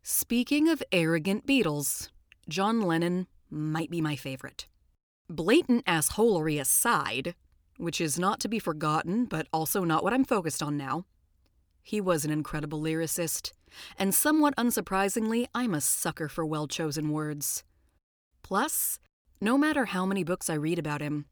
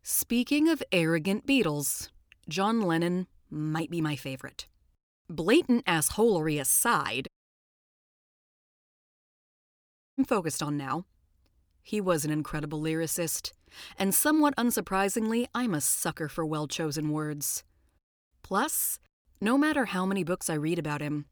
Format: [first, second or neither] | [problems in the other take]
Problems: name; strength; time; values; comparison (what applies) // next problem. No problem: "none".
first | audio cutting out; at 7.5 s for 3 s